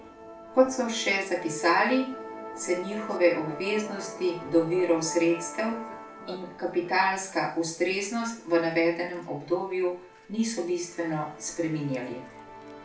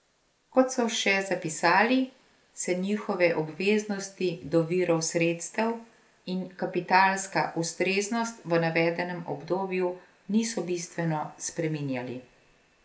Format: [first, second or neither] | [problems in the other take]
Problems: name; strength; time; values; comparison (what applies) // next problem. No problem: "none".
second | background sound (Musical instrument); 14 dB below the speech // room echo; dies away in 0.3 s